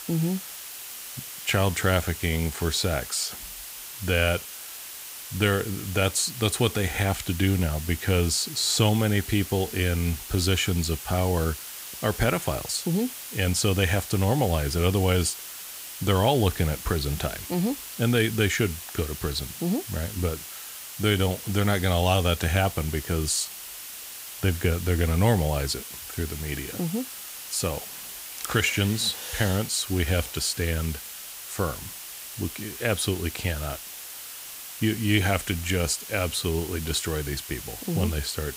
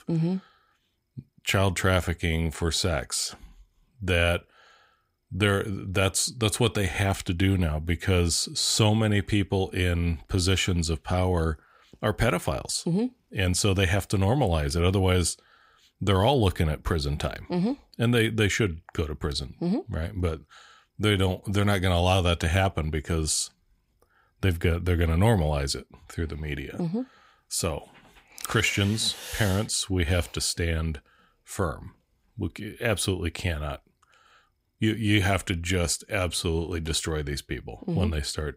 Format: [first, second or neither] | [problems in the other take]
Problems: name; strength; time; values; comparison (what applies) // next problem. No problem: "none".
second | hiss; noticeable; throughout; 10 dB below the speech